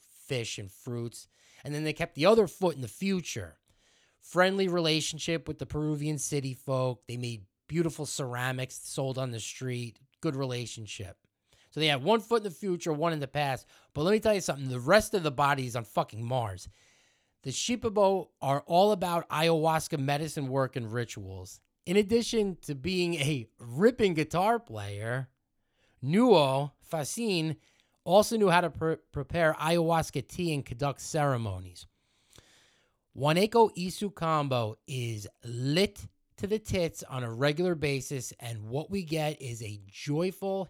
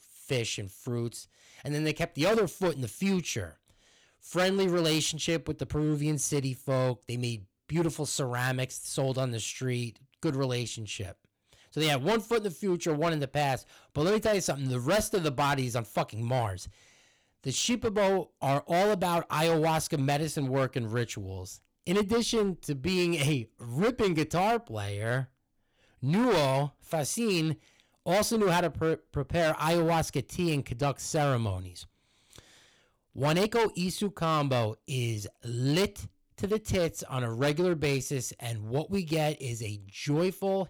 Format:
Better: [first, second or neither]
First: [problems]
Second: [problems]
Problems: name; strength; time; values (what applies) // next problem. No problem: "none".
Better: first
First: none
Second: distortion; heavy; 9% of the sound clipped